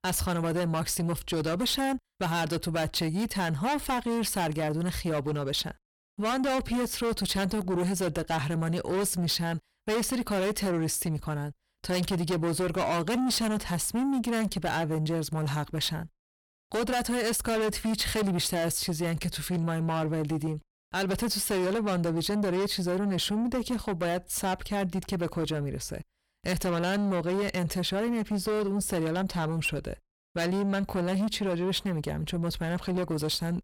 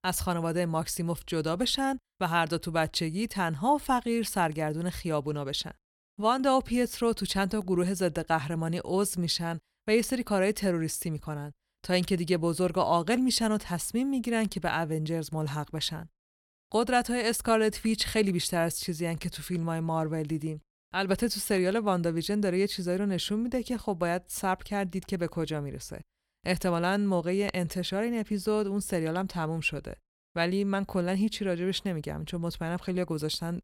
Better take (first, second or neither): second